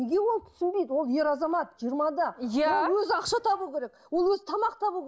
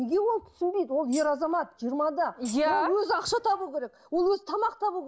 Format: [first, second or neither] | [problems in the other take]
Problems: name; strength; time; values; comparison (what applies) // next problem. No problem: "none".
first | background sound (Tambourine); 19 dB below the speech